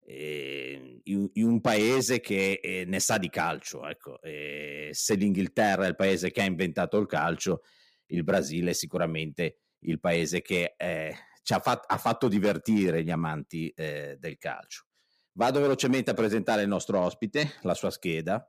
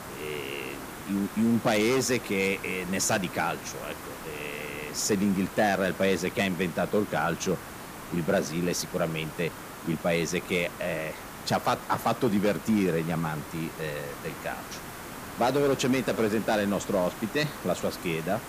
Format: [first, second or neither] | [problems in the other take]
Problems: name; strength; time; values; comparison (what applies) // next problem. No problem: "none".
first | hiss; noticeable; throughout; 10 dB below the speech